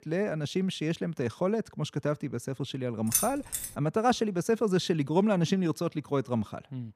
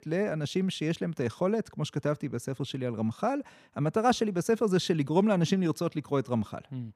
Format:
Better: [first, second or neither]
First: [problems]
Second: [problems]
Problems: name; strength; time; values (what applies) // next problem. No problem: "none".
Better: second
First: jangling keys; loud; at 3 s; peak 2 dB above the speech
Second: none